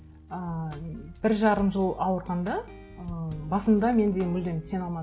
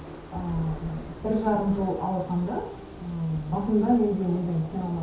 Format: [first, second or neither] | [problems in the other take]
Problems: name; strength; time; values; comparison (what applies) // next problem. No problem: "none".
first | background sound (Thunder / Rain); 13 dB below the speech // room echo; dies away in 0.6 s